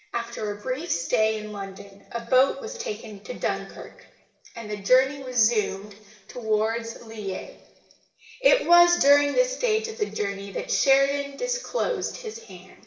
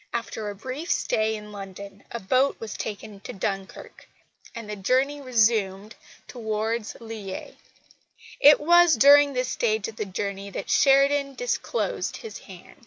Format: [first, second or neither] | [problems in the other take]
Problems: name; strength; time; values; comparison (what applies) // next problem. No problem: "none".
second | room echo; dies away in 0.8 s